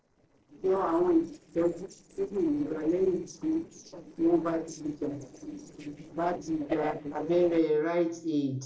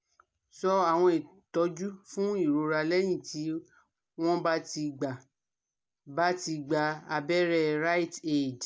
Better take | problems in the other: second | noise reduction (neural separator model SepFormer DNS4)

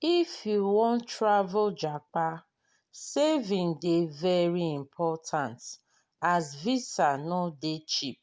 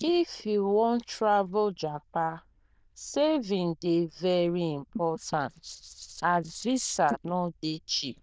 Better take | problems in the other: first | noise reduction (neural diffusion model UNIVERSE++)

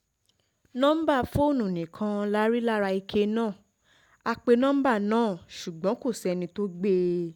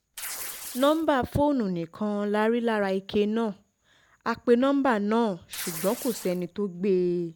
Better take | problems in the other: first | background sound (Tearing); 12 dB below the speech

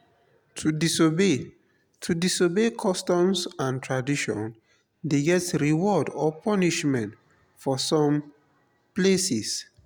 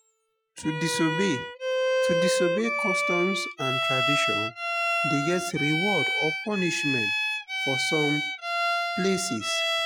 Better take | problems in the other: first | noise reduction (classical method Wiener filter)

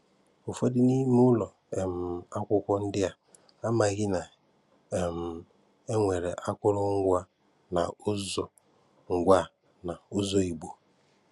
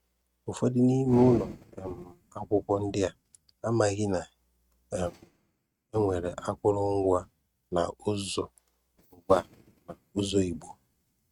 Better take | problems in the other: first | noise reduction (neural mask model RNNoise)

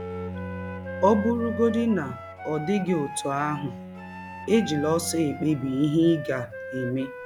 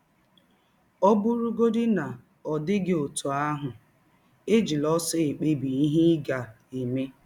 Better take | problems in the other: second | background sound (Bowed string instrument + Wind instrument, woodwind instrument); 10 dB below the speech

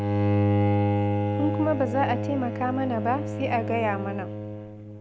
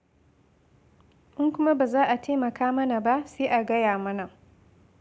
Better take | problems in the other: second | background sound (Bowed string instrument); 3 dB above the speech

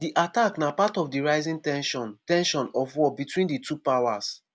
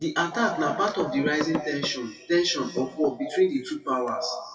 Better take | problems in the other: first | noise reduction (classical method WPE with log-MMSE)

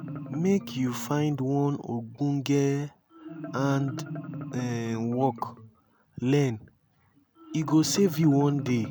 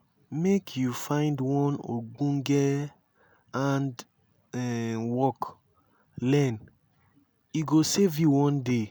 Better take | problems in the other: second | background sound (Marimba, xylophone); 12 dB below the speech

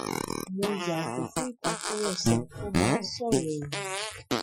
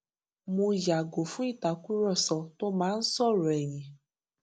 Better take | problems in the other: second | noise reduction (classical method Wiener filter)

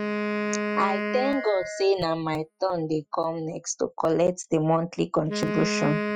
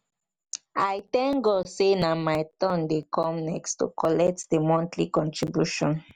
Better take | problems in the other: second | noise reduction (classical method Wiener filter)

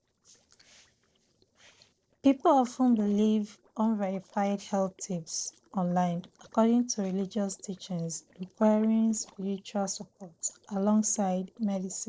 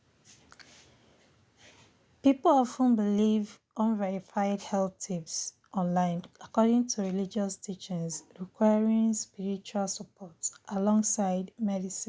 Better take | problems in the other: second | noise reduction (neural separator model SepFormer DNS4)

